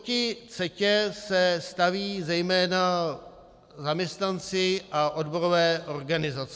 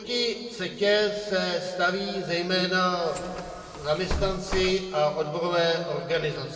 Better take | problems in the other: first | background sound (Bus); 7 dB below the speech // room echo; dies away in 2.3 s

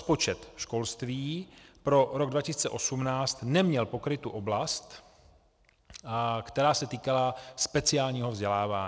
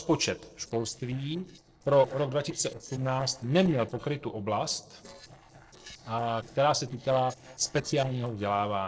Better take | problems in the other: first | noise reduction (neural separator model SepFormer DNS4)

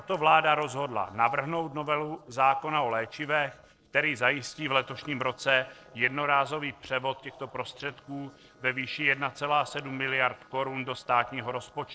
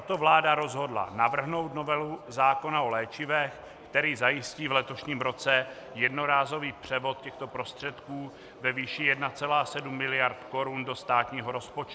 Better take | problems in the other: second | noise reduction (neural separator model SepFormer DNS4)

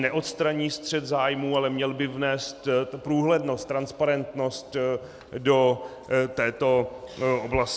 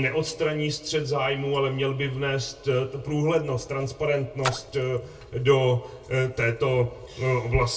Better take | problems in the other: first | background sound (Splash, splatter); 11 dB below the speech // room echo; dies away in 0.2 s

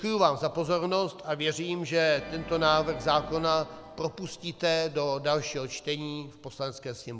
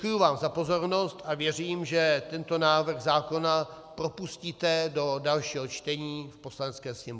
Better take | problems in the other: second | background sound (Organ); 19 dB below the speech

